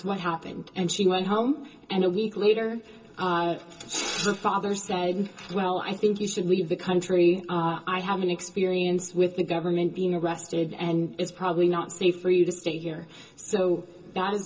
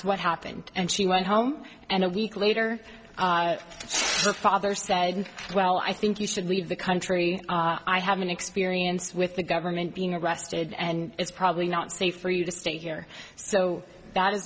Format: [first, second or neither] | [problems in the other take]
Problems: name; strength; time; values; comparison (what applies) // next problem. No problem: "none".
second | room echo; dies away in 0.2 s